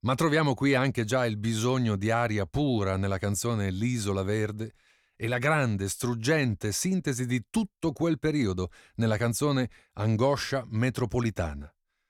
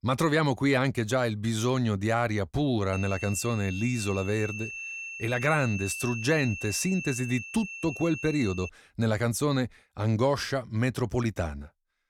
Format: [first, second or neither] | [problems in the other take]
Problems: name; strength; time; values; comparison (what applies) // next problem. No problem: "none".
first | high-pitched whine; loud; from 3 to 8.5 s; 2.5 kHz, 9 dB below the speech